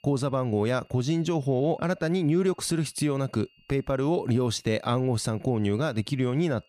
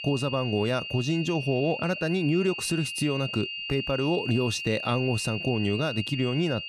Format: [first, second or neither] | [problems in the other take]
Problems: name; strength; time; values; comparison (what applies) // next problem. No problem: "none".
first | high-pitched whine; loud; throughout; 3 kHz, 6 dB below the speech; faint in the first